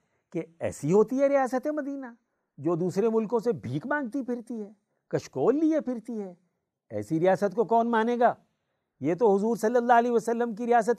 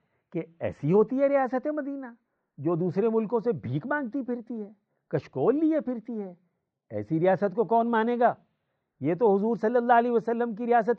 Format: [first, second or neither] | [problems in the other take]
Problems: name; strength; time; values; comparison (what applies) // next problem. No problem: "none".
first | muffled; very; fading above 3.5 kHz